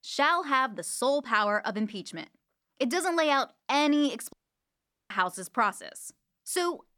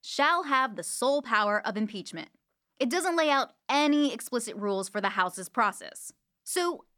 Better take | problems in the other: second | audio cutting out; at 4.5 s for 1 s

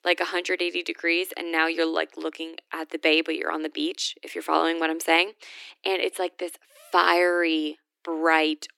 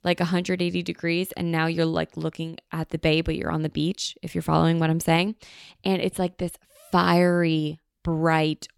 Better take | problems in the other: second | thin; very; fading below 300 Hz

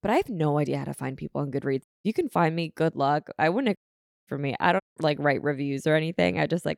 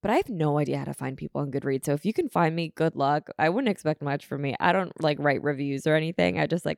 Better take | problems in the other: second | audio cutting out; at 2 s, at 4 s for 0.5 s and at 5 s

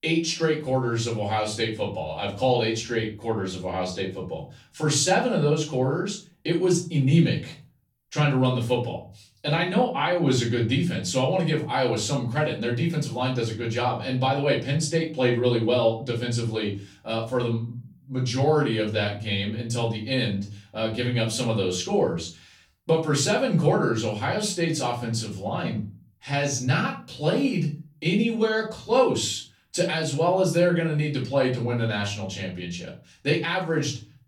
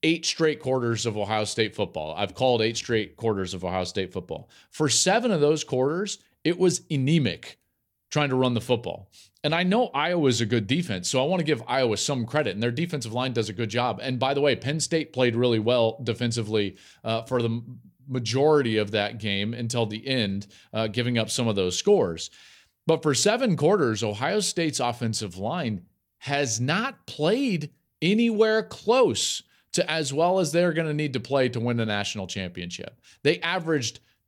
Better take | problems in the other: second | off-mic speech; far // room echo; slight; dies away in 0.3 s

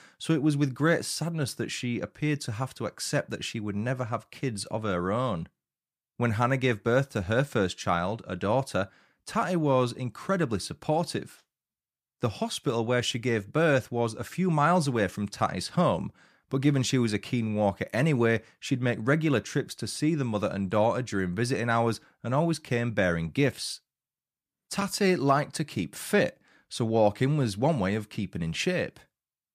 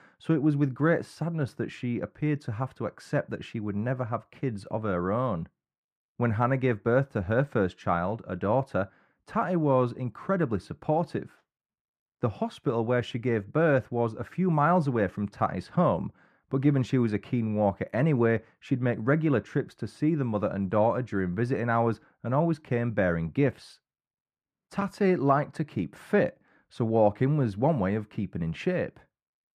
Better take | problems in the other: first | muffled; very; fading above 3 kHz

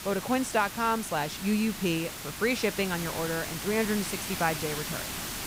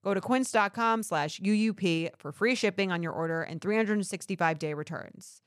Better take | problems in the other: second | hiss; loud; throughout; 6 dB below the speech

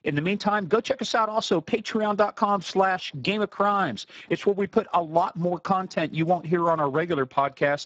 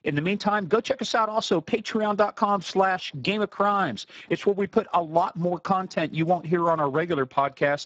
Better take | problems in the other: neither | garbled, watery; badly; nothing above 7.5 kHz; the same in both

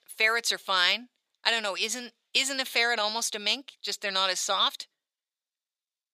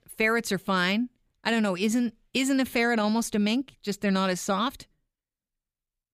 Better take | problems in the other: second | thin; very; fading below 650 Hz

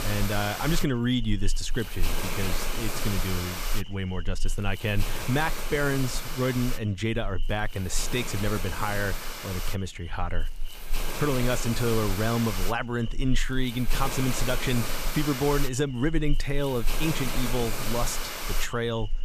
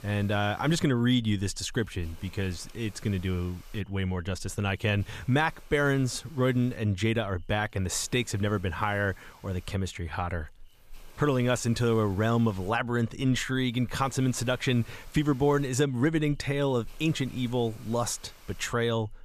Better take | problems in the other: second | hiss; loud; throughout; 5 dB below the speech; faint in the second

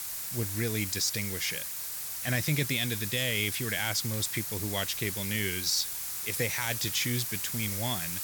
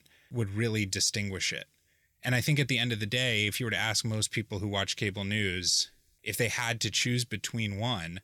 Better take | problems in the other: second | hiss; loud; throughout; 2 dB below the speech

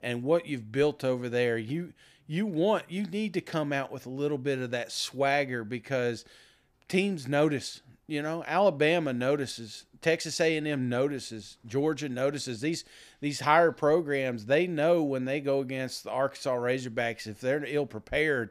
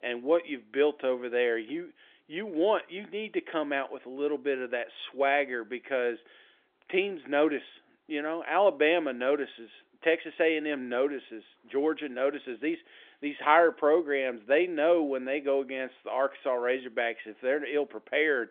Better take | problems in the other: first | phone-call audio; nothing above 3.5 kHz

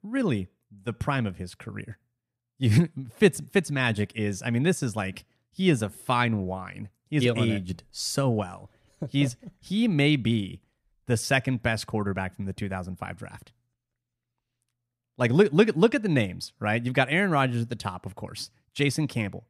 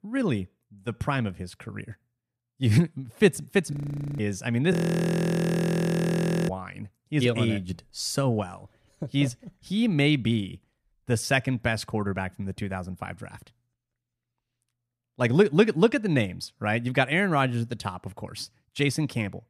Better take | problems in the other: first | audio freezing; at 3.5 s and at 4.5 s for 2 s

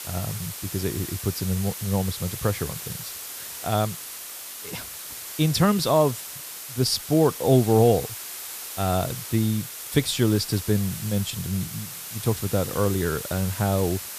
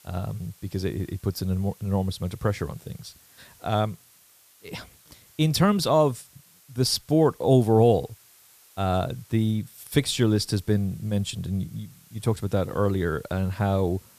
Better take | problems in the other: second | hiss; loud; throughout; 9 dB below the speech; faint in the second

